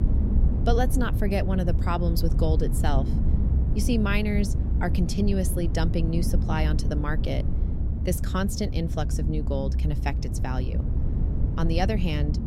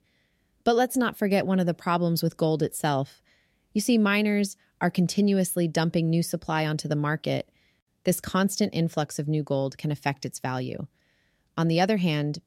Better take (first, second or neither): second